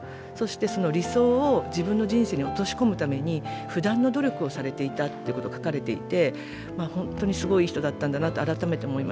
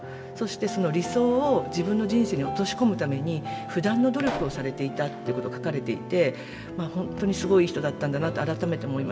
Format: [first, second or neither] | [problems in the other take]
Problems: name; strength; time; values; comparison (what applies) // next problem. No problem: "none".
first | background sound (Explosion); 13 dB below the speech // room echo; dies away in 2.5 s